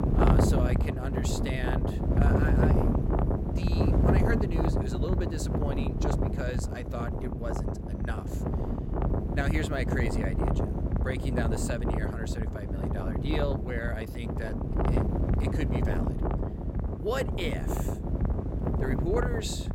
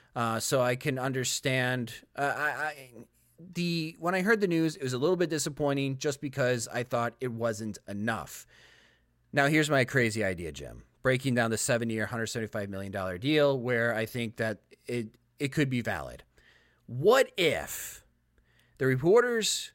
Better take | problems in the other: second | wind noise on the microphone; heavy; 1 dB above the speech

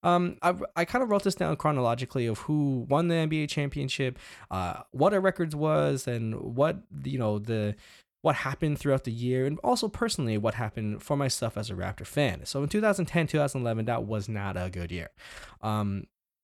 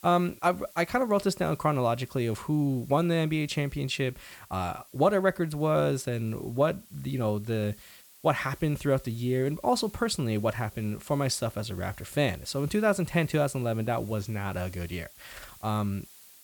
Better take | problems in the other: first | hiss; faint; throughout; 20 dB below the speech

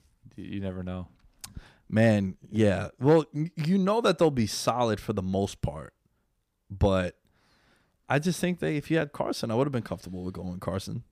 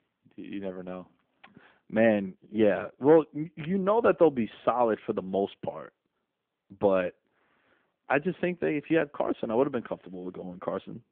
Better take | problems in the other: first | phone-call audio

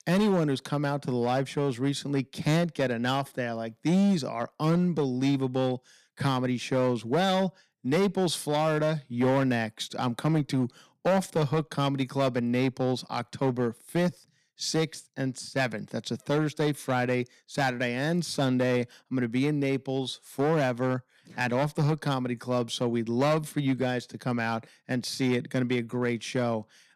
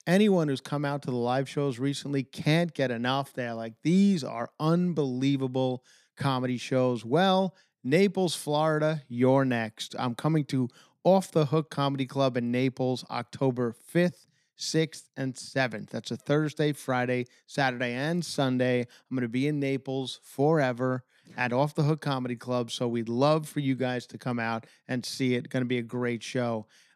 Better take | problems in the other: second | distortion; slight; 6% of the sound clipped

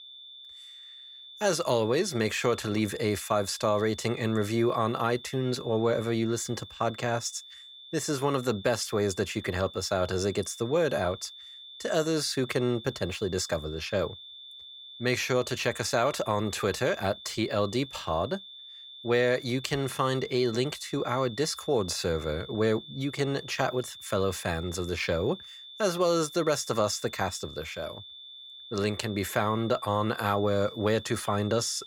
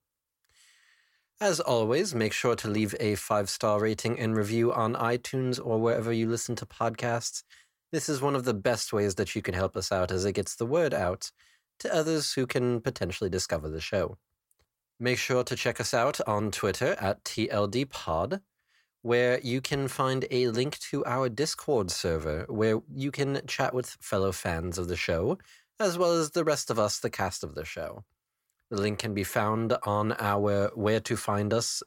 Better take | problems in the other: second | high-pitched whine; noticeable; throughout; 3.5 kHz, 15 dB below the speech

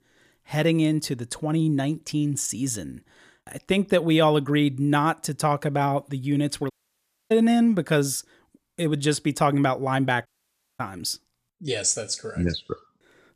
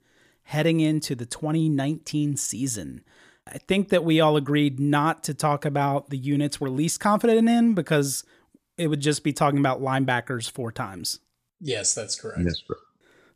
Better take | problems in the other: second | audio cutting out; at 6.5 s for 0.5 s and at 10 s for 0.5 s

